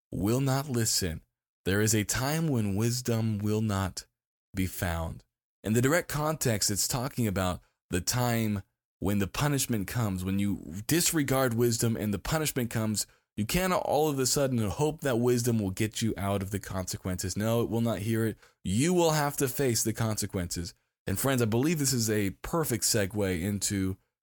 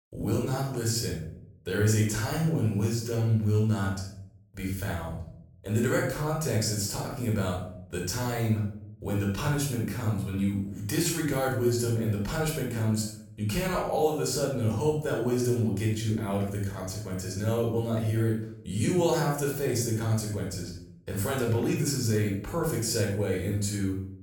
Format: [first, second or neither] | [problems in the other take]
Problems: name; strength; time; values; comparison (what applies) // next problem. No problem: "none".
first | off-mic speech; somewhat distant // room echo; noticeable; dies away in 0.6 s